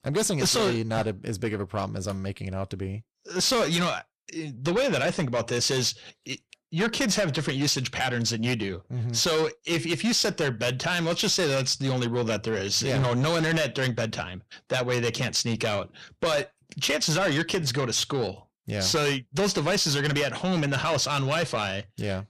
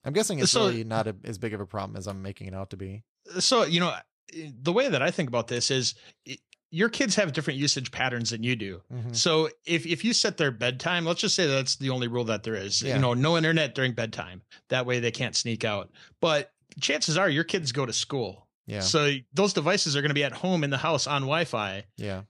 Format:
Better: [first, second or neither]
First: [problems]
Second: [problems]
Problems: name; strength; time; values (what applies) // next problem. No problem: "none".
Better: second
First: distortion; heavy; 7 dB below the speech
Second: none